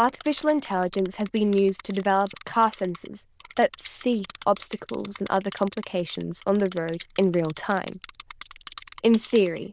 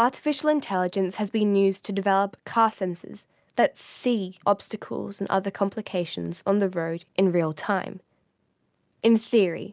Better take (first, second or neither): second